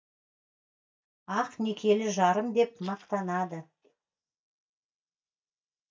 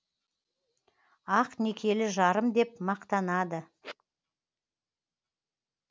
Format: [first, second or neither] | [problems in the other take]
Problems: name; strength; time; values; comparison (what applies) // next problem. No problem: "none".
second | noise reduction (neural mask model DeepFilterNet 3)